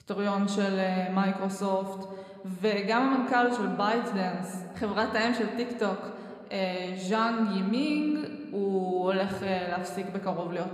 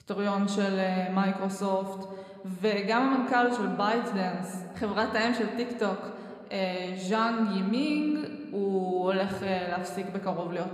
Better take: neither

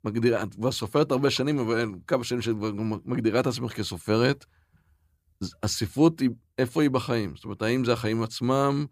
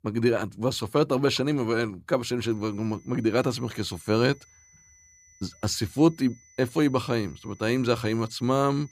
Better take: first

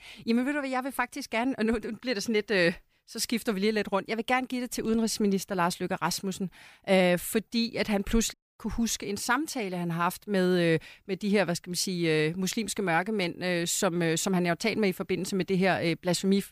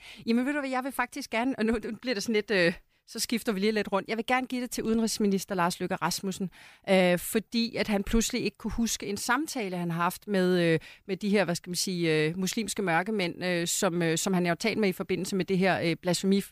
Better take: second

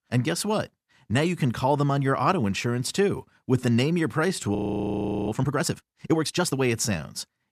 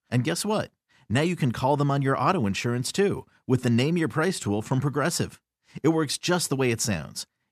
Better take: second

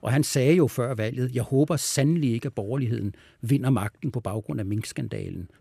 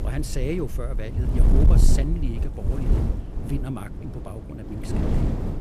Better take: first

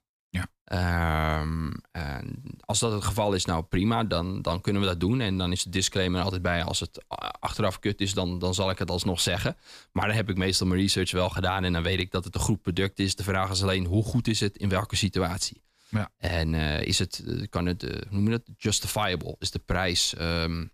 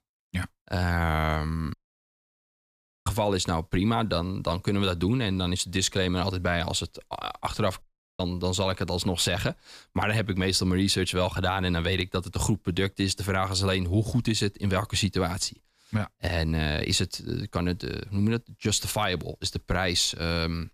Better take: first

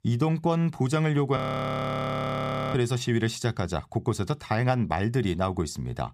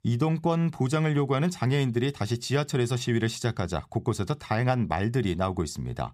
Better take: second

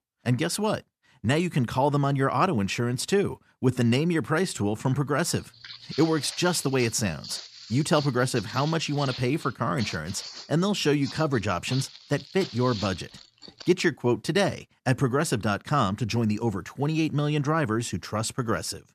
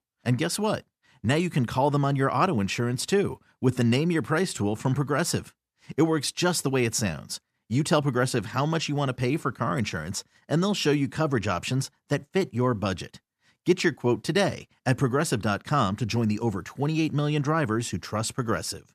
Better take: second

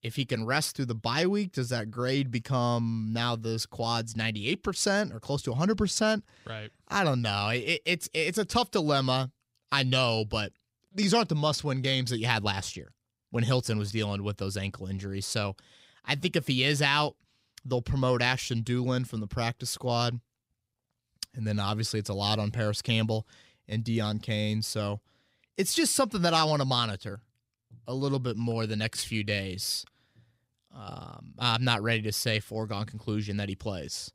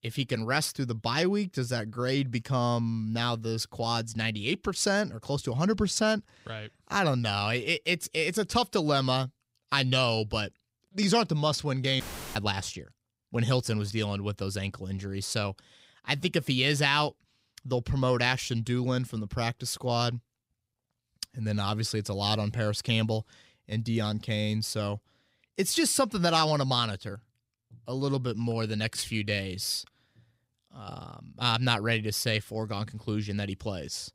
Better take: first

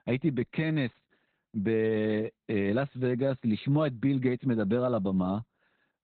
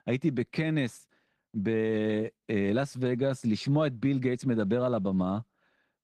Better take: second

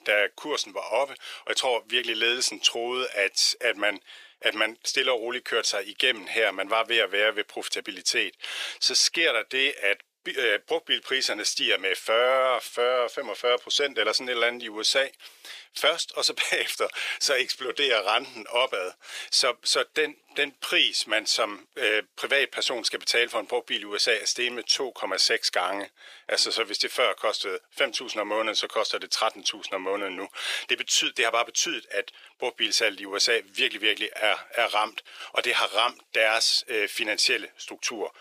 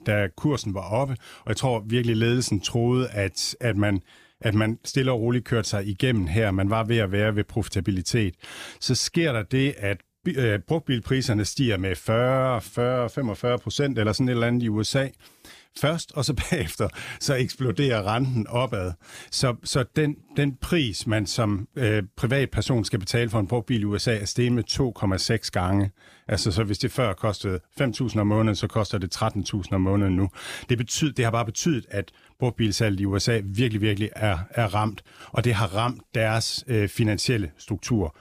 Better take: second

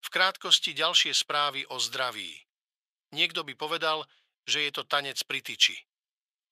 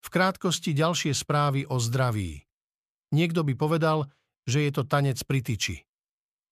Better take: second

